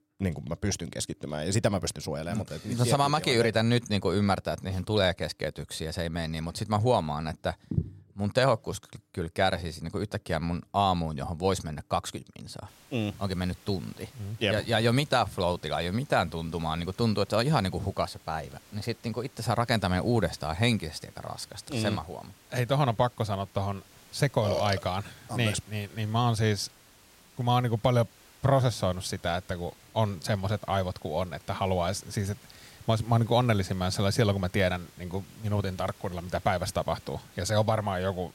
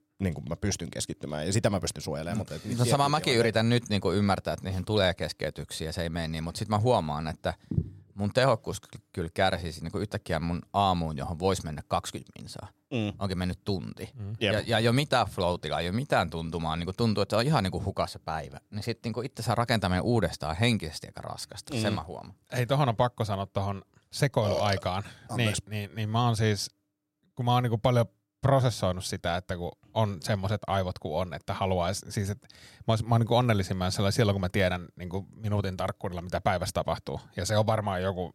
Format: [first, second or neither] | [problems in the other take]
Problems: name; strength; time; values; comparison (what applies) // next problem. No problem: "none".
second | hiss; faint; from 13 s on; 25 dB below the speech